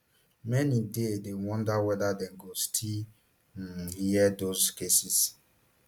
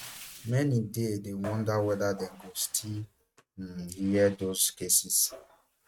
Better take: first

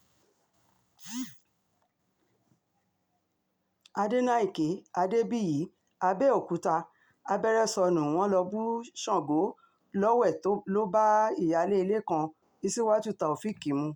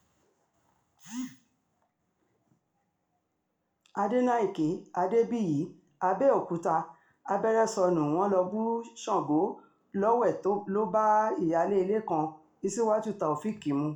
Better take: first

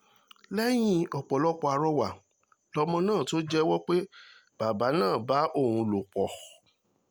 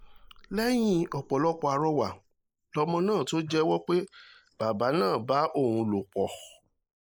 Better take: first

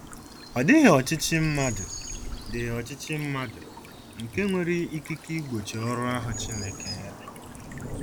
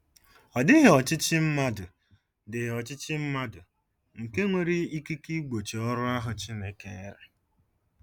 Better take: second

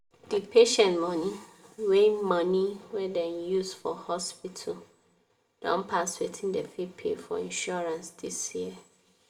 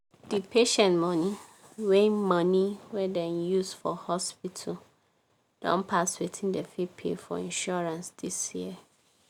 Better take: second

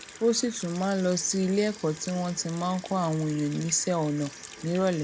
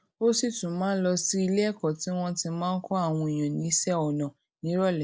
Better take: second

